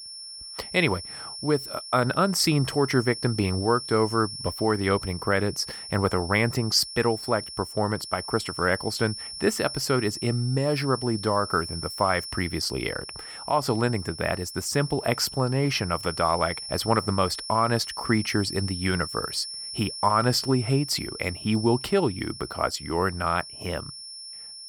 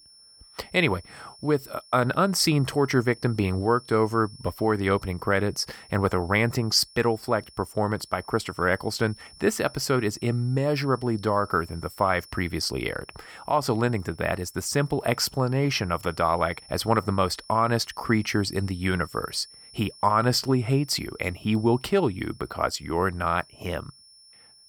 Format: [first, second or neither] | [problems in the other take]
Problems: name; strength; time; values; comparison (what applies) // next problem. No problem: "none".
second | high-pitched whine; loud; throughout; 5.5 kHz, 10 dB below the speech; faint in the second